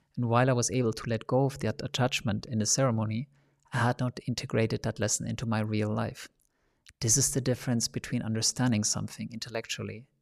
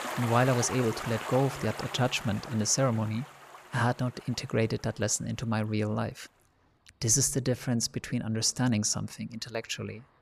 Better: first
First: none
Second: rain or running water; noticeable; throughout; 10 dB below the speech

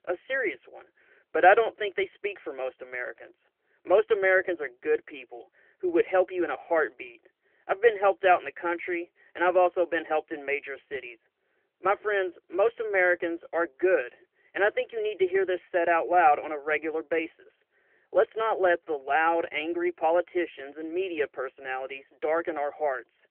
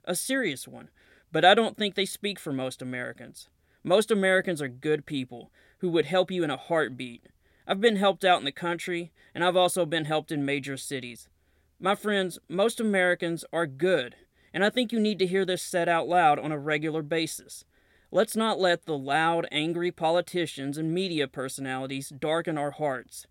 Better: second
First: phone-call audio; nothing above 3 kHz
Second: none

